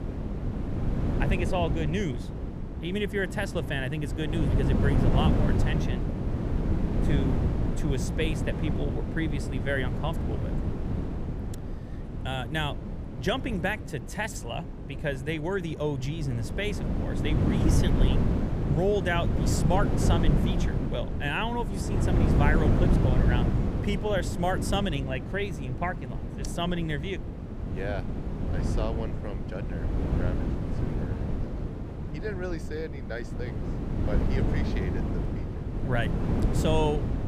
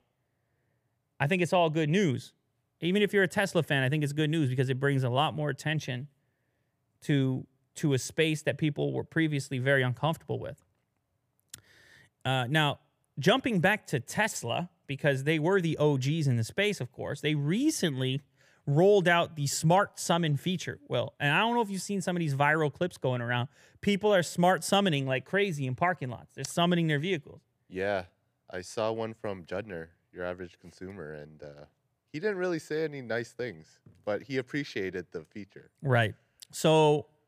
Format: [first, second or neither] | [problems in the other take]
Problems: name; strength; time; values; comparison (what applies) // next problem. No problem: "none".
second | wind noise on the microphone; heavy; 4 dB below the speech